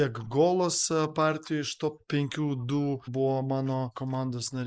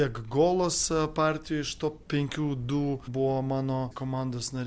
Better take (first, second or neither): second